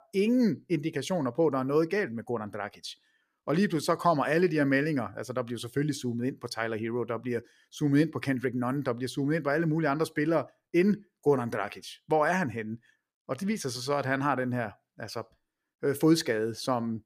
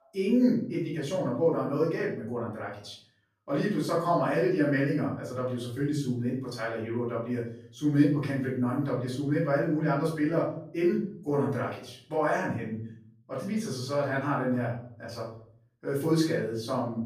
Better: first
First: none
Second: off-mic speech; far // room echo; noticeable; dies away in 0.6 s

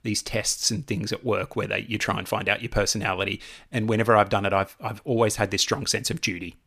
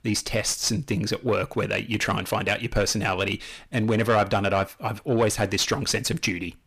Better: first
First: none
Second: distortion; slight; 10 dB below the speech

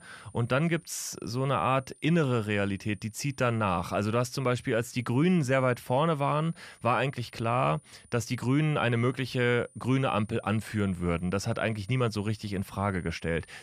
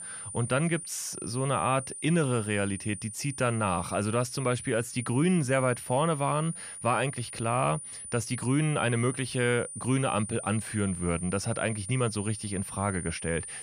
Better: first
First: high-pitched whine; faint; throughout; 9.5 kHz, 30 dB below the speech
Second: high-pitched whine; loud; throughout; 9.5 kHz, 9 dB below the speech

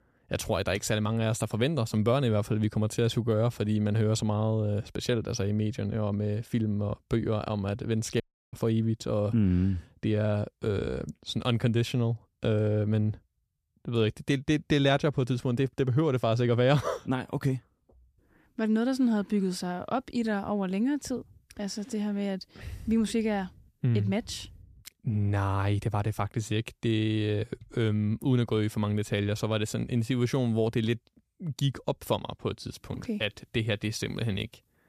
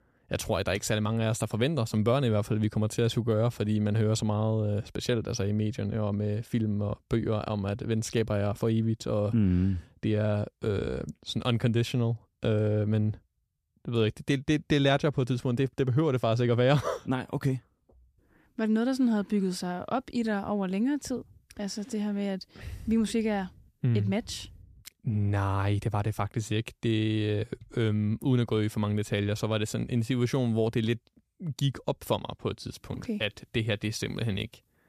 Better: second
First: audio cutting out; at 8 s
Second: none

